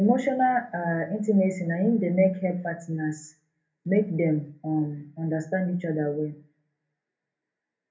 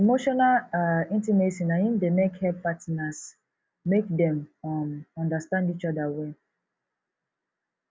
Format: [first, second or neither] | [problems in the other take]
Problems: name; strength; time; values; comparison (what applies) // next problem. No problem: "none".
second | room echo; dies away in 0.3 s